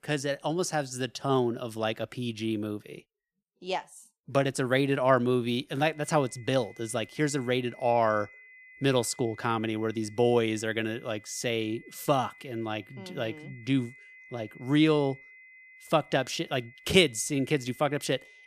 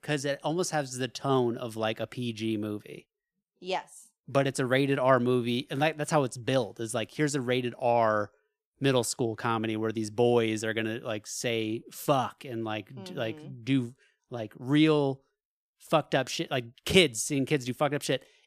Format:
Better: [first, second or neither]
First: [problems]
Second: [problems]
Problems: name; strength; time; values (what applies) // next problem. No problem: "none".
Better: second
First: high-pitched whine; faint; from 6 s on; 2 kHz, 25 dB below the speech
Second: none